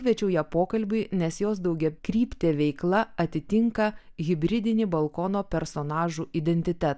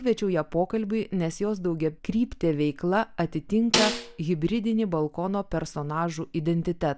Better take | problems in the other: first | background sound (Snare drum); 2 dB below the speech

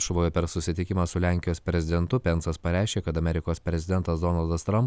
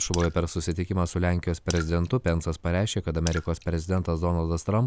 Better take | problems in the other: first | background sound (Raindrop / Splash, splatter); 17 dB below the speech

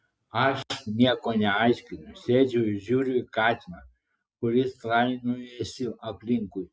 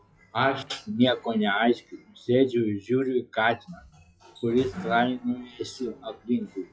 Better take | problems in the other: first | noise reduction (classical method log-MMSE)

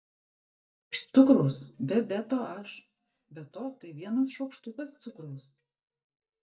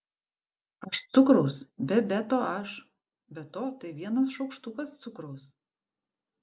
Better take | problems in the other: second | noise reduction (neural mask model DeepFilterNet 3)

